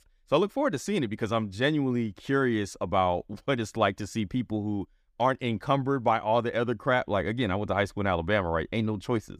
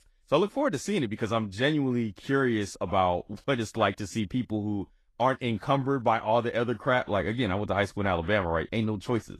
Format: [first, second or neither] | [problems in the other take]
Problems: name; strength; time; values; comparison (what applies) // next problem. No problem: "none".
first | garbled, watery; slightly; nothing above 12.5 kHz